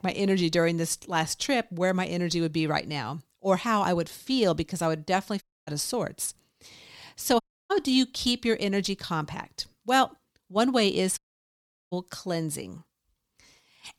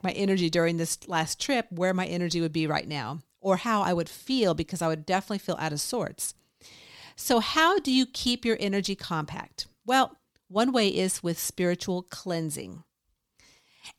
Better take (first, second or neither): second